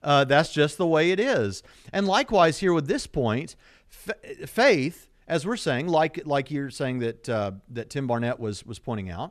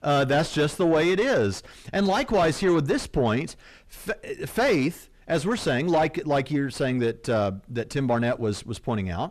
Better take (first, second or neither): first